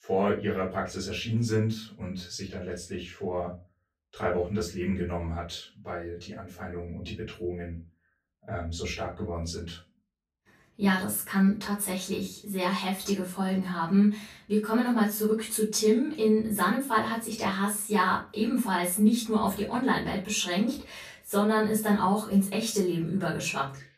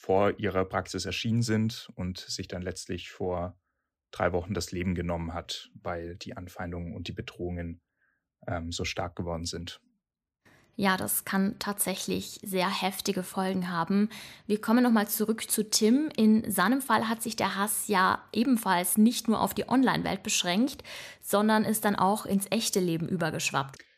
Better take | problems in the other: second | off-mic speech; far // room echo; slight; dies away in 0.2 s

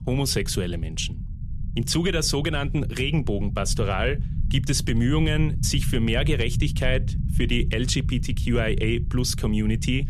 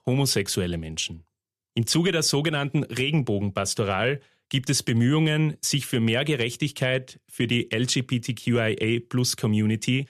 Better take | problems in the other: second | low rumble; noticeable; throughout; 15 dB below the speech

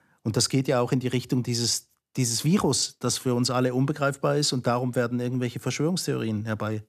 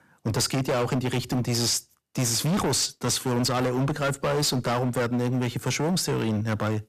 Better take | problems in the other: first | distortion; heavy; 24% of the sound clipped

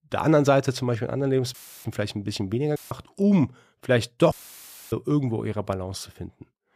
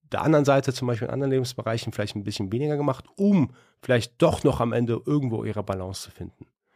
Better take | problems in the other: second | audio cutting out; filled with static; at 1.5 s, at 3 s and at 4.5 s for 0.5 s

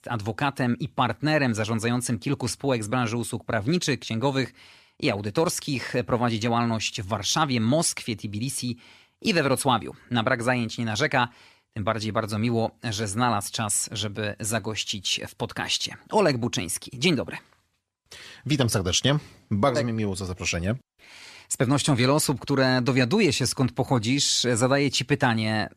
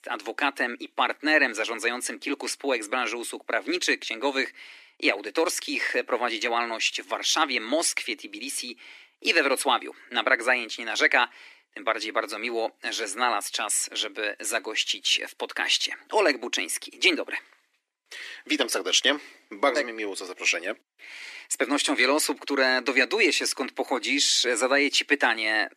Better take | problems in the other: first | thin; somewhat; fading below 300 Hz

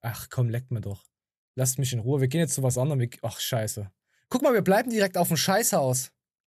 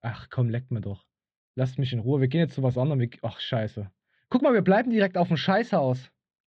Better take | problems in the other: first | muffled; very; fading above 3.5 kHz

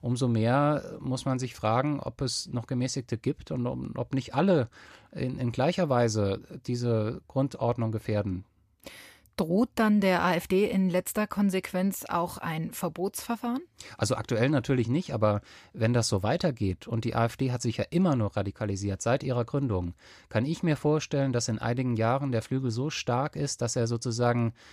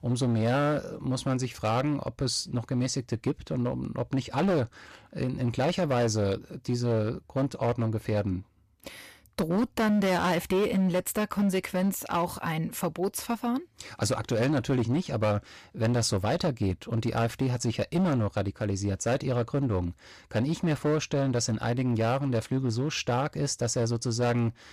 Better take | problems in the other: first | distortion; slight; 10% of the sound clipped

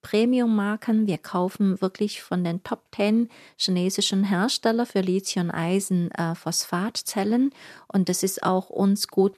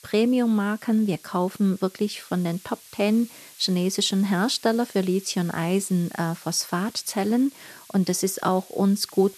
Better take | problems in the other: first | hiss; faint; throughout; 20 dB below the speech

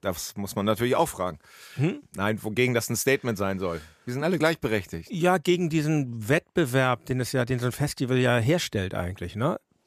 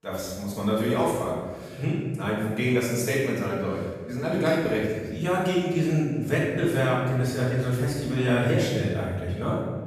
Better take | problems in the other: first | off-mic speech; far // room echo; strong; dies away in 1.4 s

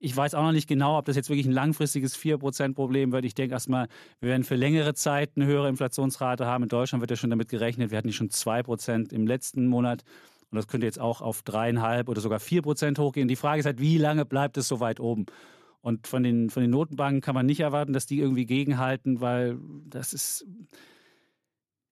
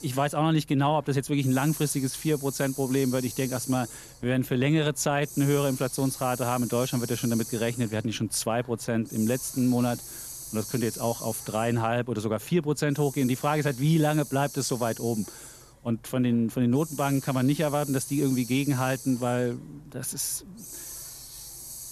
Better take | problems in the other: first | hiss; noticeable; throughout; 10 dB below the speech

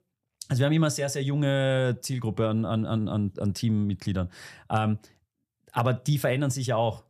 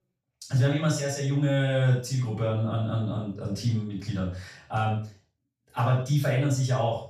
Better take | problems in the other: first | room echo; noticeable; dies away in 0.4 s // off-mic speech; far

